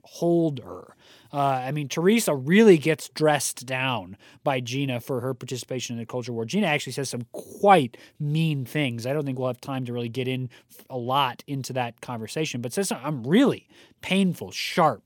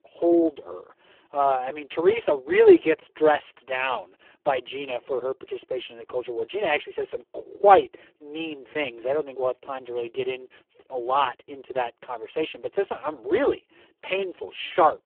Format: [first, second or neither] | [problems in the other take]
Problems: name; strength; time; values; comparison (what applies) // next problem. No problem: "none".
first | phone-call audio; poor line